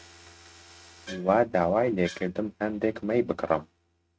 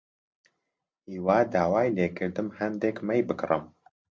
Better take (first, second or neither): second